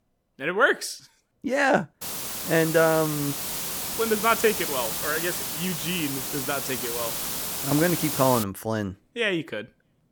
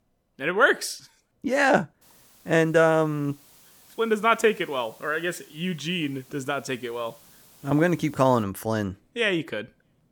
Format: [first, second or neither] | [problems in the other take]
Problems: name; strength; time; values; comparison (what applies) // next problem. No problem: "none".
second | hiss; loud; from 2 to 8.5 s; 3 dB below the speech; faint in the second